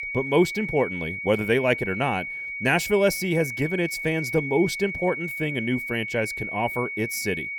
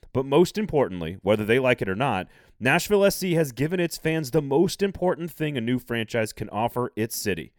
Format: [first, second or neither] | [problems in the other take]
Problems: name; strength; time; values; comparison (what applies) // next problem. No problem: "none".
second | high-pitched whine; loud; throughout; 2 kHz, 5 dB below the speech